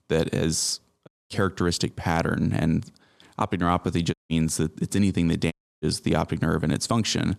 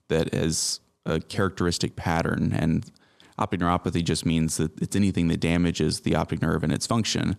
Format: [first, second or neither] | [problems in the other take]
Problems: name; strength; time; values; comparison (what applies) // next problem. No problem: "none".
second | audio cutting out; at 1 s, at 4 s and at 5.5 s